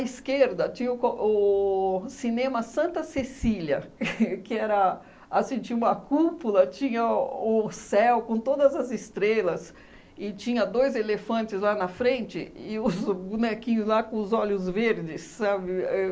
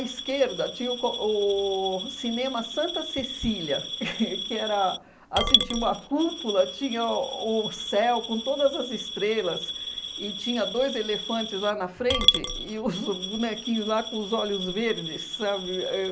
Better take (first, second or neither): first